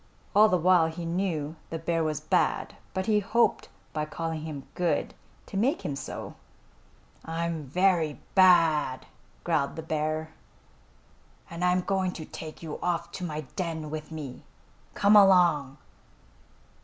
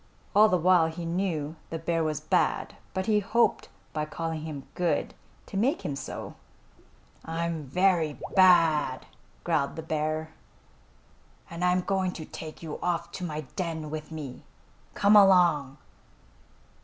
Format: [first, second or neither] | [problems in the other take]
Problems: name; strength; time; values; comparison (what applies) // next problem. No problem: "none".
first | background sound (Liquid); 17 dB below the speech